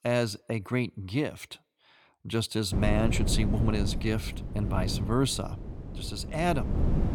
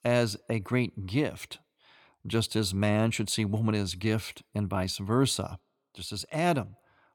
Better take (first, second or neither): second